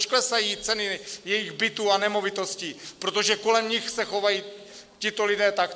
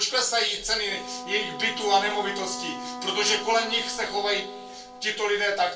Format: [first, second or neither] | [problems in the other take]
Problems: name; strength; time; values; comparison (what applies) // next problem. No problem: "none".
first | background sound (Wind instrument, woodwind instrument); 12 dB below the speech // room echo; dies away in 0.2 s